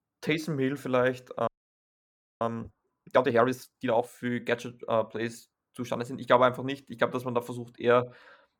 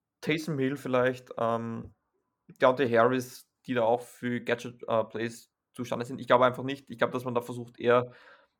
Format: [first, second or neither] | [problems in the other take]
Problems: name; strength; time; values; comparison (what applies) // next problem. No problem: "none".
second | audio freezing; at 1.5 s for 1 s